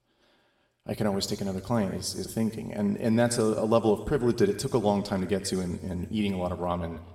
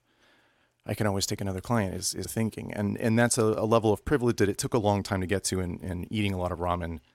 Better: second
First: room echo; slight; dies away in 1.4 s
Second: none

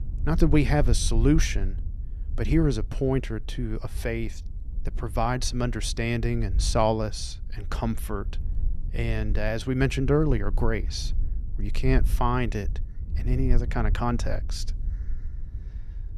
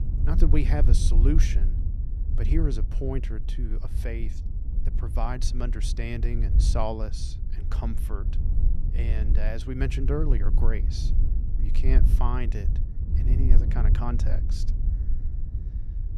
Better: first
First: low rumble; faint; throughout; 20 dB below the speech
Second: low rumble; loud; throughout; 9 dB below the speech

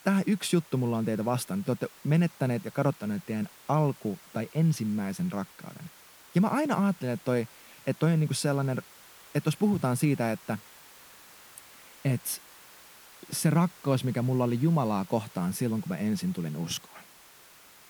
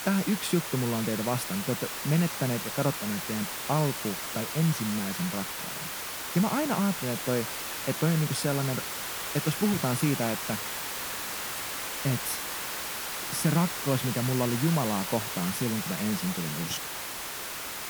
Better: first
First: hiss; faint; throughout; 20 dB below the speech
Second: hiss; loud; throughout; 3 dB below the speech

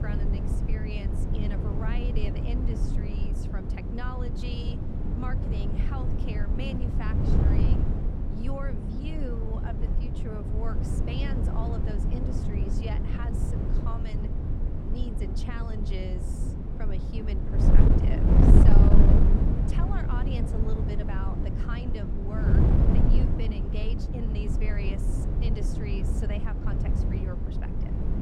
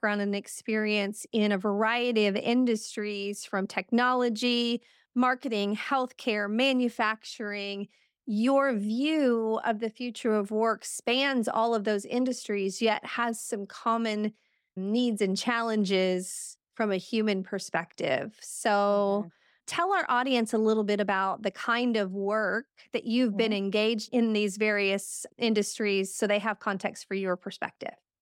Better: second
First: wind noise on the microphone; heavy; 3 dB above the speech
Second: none

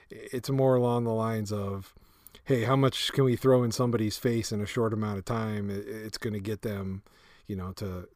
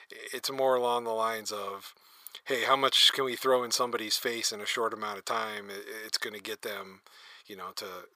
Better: first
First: none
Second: thin; very; fading below 750 Hz

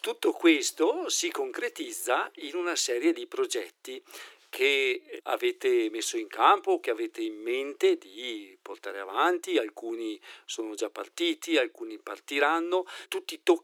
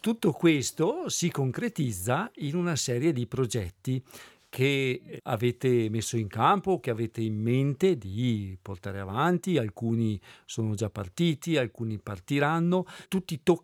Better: second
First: thin; very; fading below 300 Hz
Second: none

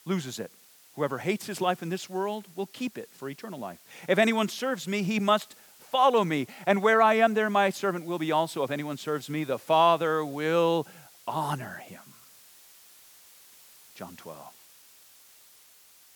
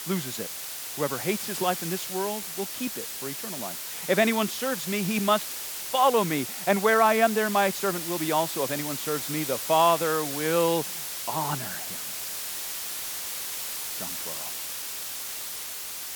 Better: first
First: hiss; faint; throughout; 25 dB below the speech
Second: hiss; loud; throughout; 5 dB below the speech

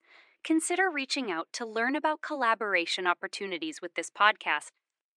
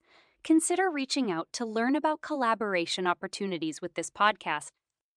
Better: second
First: thin; very slightly; fading below 350 Hz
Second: none

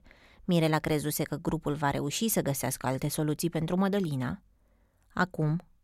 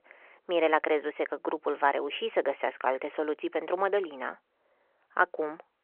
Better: first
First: none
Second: phone-call audio; nothing above 3 kHz

